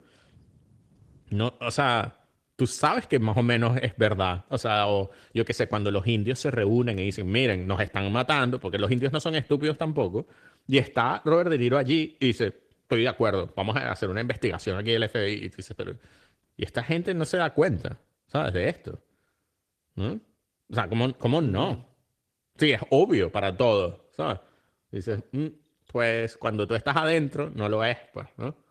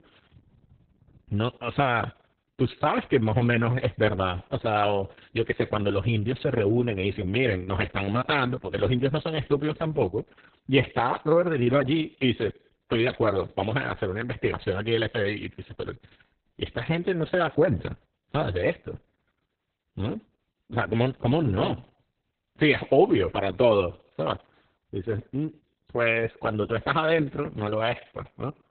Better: first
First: garbled, watery; slightly; nothing above 14 kHz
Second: garbled, watery; badly; nothing above 3.5 kHz

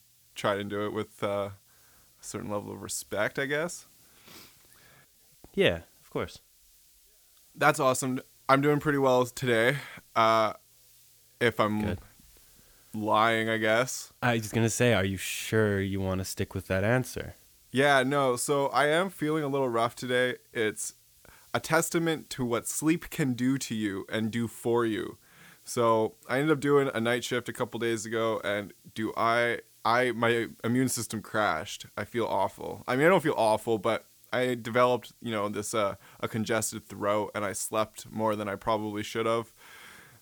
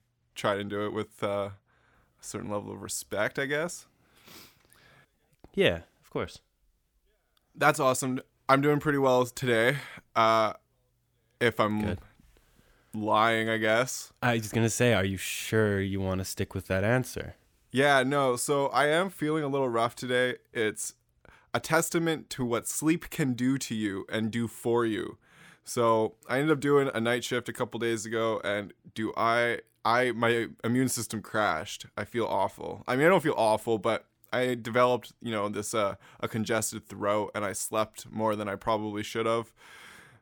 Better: second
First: hiss; faint; throughout; 30 dB below the speech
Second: none

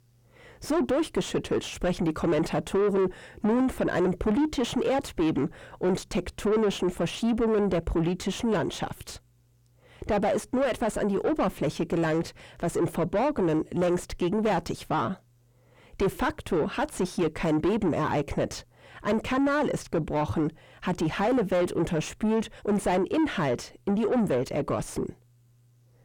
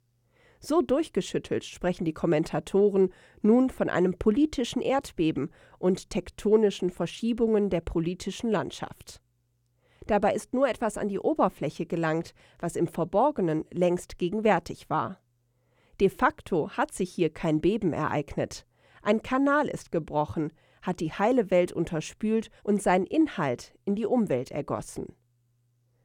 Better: second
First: distortion; heavy; 6 dB below the speech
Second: none

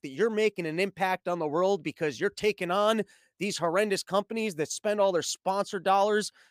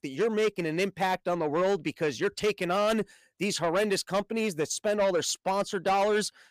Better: first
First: none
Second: distortion; slight; 10 dB below the speech

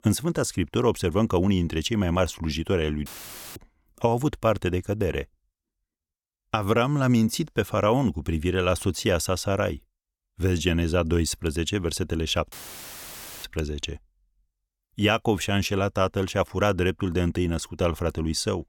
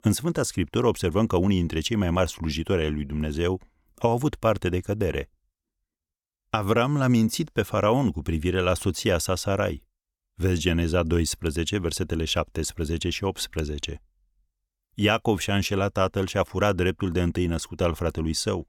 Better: second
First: audio cutting out; filled with static; at 3 s for 0.5 s and at 13 s for 1 s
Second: none

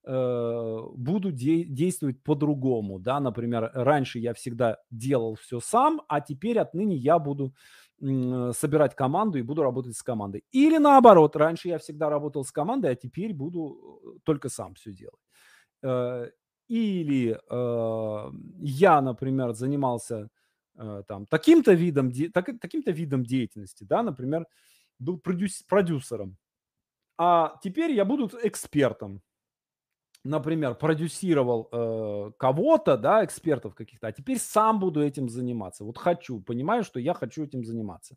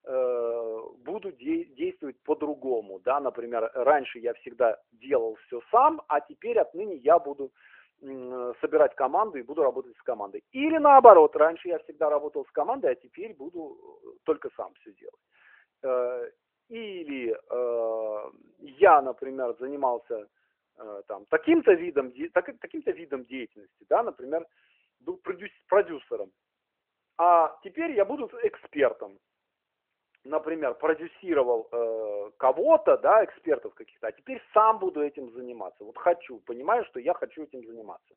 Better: first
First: none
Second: phone-call audio

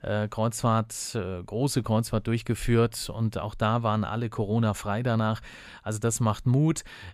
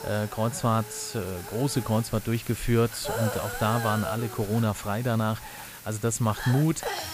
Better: first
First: none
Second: hiss; loud; throughout; 9 dB below the speech

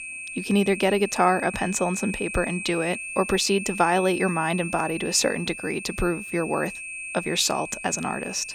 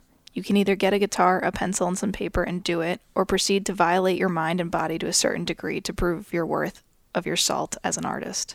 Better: second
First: high-pitched whine; loud; throughout; 2.5 kHz, 8 dB below the speech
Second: none

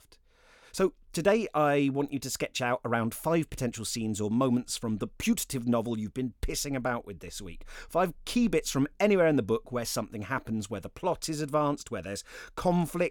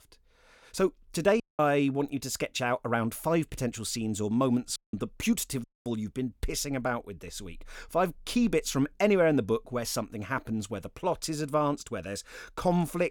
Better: first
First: none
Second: audio cutting out; at 1.5 s, at 5 s and at 5.5 s

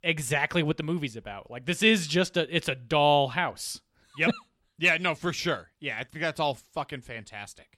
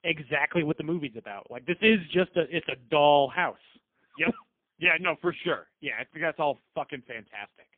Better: first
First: none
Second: phone-call audio; poor line; nothing above 3 kHz

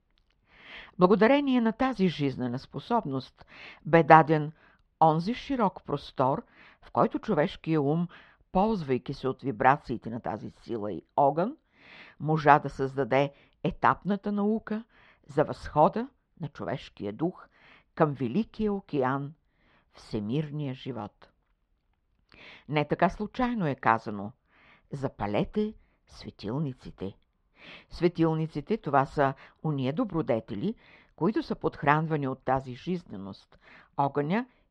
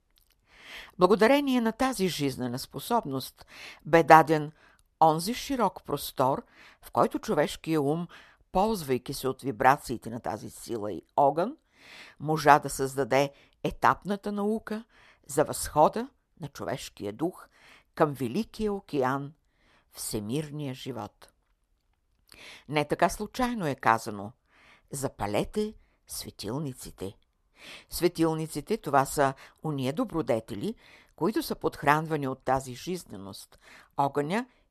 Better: second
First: muffled; slightly; fading above 3.5 kHz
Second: none

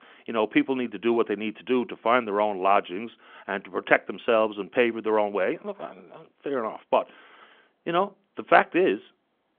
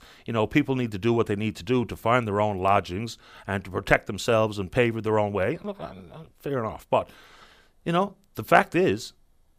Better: second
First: phone-call audio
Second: none

